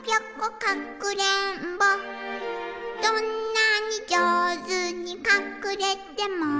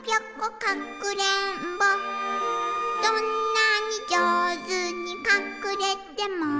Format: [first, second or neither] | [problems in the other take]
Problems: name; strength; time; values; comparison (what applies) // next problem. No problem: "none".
first | background sound (Wind instrument, woodwind instrument); 7 dB below the speech